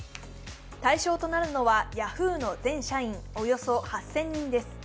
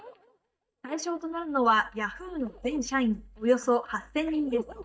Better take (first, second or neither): first